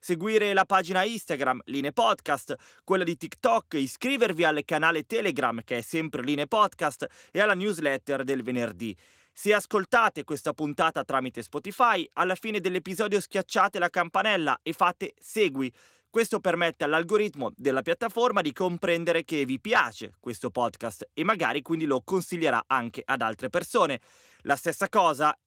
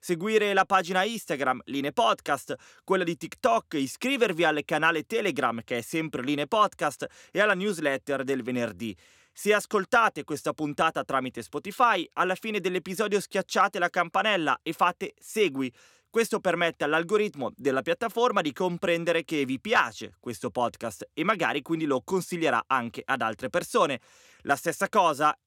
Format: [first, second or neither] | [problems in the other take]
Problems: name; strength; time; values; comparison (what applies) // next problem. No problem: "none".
second | garbled, watery; slightly; nothing above 16.5 kHz